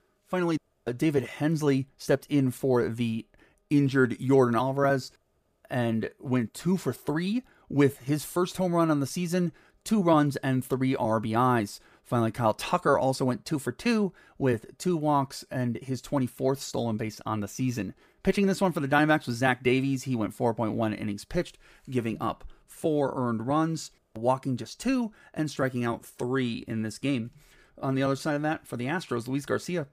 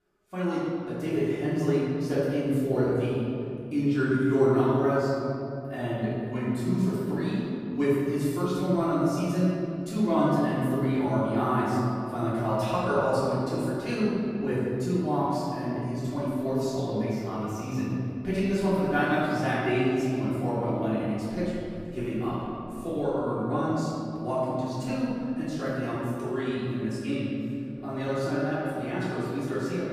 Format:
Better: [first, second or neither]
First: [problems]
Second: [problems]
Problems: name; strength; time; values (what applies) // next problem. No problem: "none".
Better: first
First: none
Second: off-mic speech; far // room echo; strong; dies away in 2.6 s